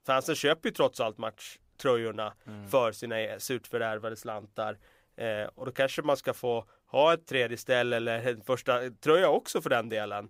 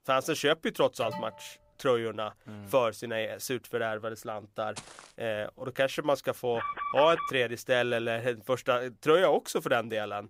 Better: first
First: none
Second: alarm; faint; at 1 s; peak 10 dB below the speech // footsteps; faint; at 5 s; peak 15 dB below the speech // alarm; noticeable; at 6.5 s; peak 4 dB below the speech

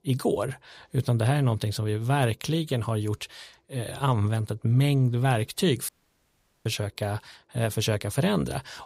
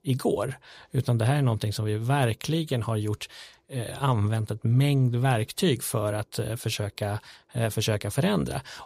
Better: second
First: audio cutting out; at 6 s for 1 s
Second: none

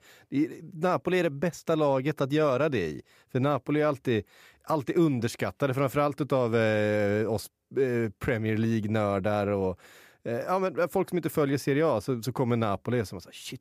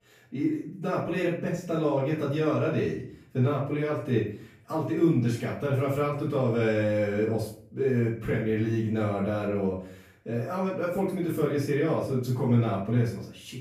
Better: first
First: none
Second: off-mic speech; far // room echo; noticeable; dies away in 0.4 s

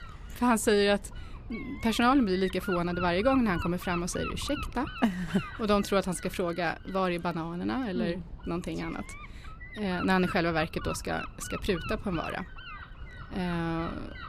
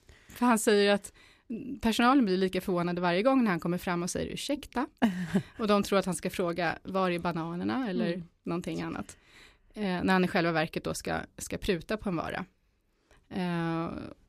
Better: second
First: wind noise on the microphone; occasional gusts; 10 dB below the speech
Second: none

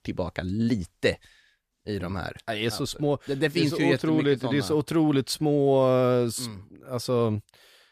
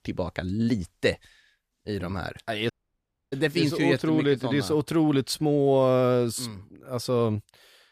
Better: first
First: none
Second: audio cutting out; at 2.5 s for 0.5 s

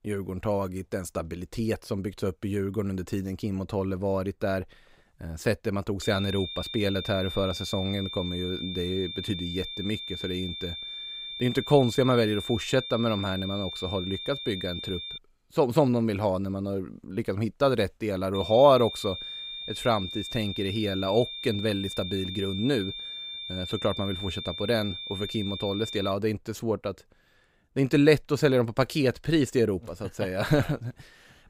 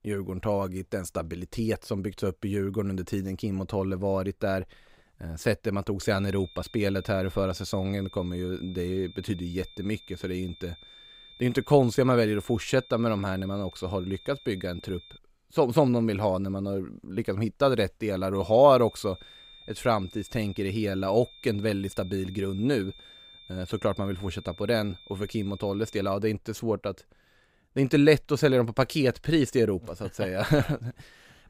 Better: second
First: high-pitched whine; loud; from 6 to 15 s and from 18 to 26 s; 3.5 kHz, 7 dB below the speech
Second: high-pitched whine; faint; from 6 to 15 s and from 18 to 26 s; 3.5 kHz, 20 dB below the speech

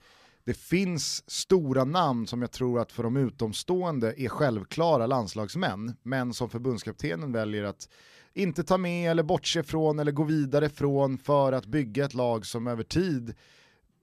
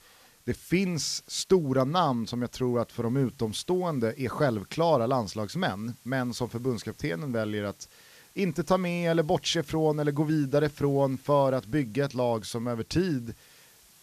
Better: first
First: none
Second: hiss; faint; throughout; 25 dB below the speech

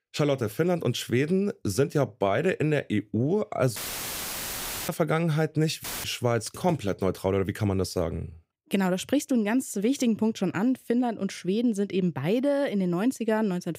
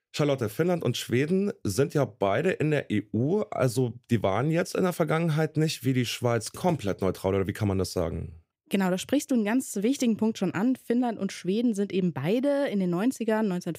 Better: second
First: audio cutting out; filled with static; at 4 s for 1 s and at 6 s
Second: none

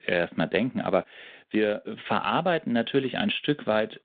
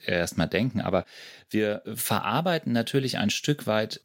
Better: second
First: phone-call audio; nothing above 3.5 kHz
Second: none

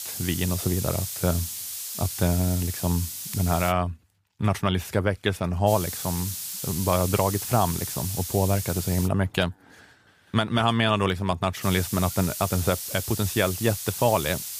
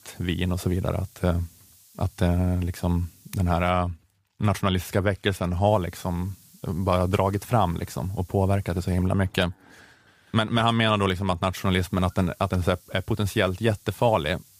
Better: second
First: hiss; loud; until 3.5 s, from 5.5 to 9 s and from 12 s on; 6 dB below the speech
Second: hiss; faint; until 3.5 s, from 5.5 to 9 s and from 12 s on; 25 dB below the speech

